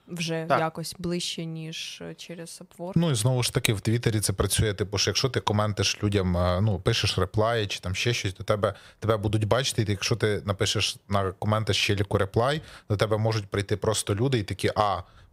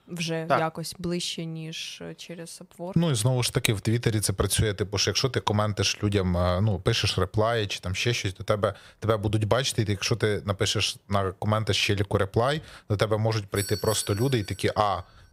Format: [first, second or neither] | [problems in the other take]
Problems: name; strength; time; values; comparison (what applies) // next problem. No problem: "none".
first | doorbell; noticeable; from 14 to 15 s; peak 7 dB below the speech